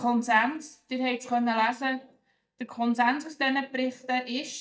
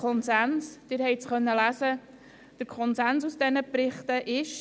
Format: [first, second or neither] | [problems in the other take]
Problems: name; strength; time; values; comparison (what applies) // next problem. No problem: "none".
second | noise reduction (neural mask model DeepFilterNet 3)